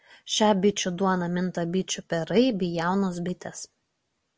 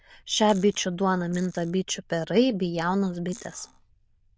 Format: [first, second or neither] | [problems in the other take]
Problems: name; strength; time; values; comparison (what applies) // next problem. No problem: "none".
first | noise reduction (neural diffusion model UNIVERSE++)